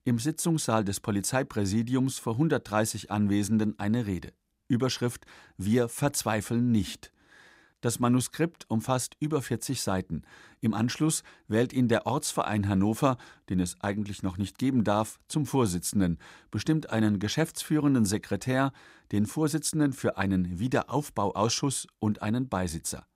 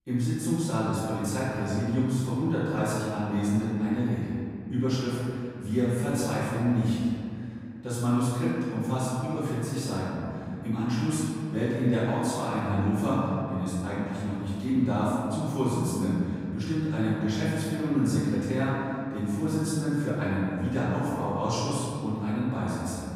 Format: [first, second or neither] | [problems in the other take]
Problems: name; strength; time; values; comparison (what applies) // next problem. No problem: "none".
first | room echo; strong; dies away in 2.4 s // off-mic speech; far